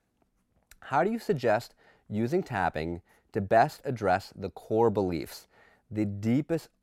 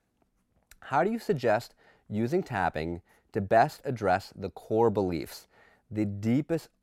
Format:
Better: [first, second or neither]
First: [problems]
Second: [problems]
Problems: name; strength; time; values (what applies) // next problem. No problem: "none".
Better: neither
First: none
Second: none